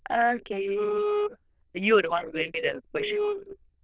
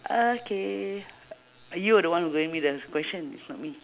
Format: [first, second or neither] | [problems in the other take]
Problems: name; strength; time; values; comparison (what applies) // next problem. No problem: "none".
second | noise reduction (neural diffusion model UNIVERSE++)